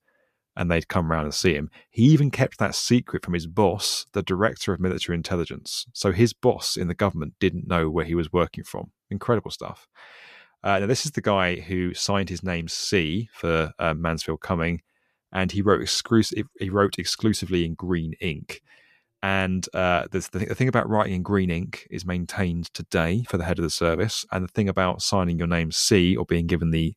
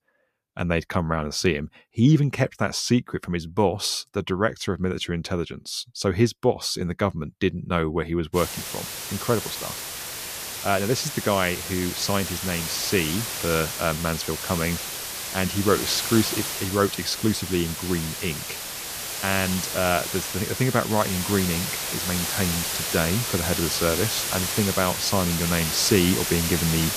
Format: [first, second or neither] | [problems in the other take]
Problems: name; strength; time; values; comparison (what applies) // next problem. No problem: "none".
first | hiss; loud; from 8.5 s on; 3 dB below the speech